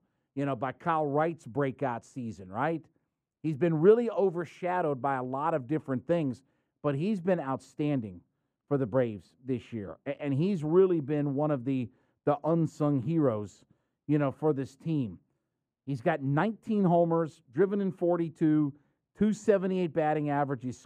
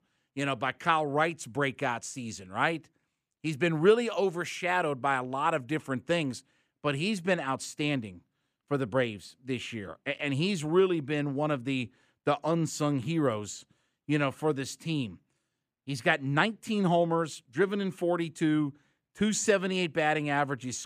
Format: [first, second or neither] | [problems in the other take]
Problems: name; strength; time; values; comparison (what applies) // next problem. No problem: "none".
second | muffled; very; fading above 1.5 kHz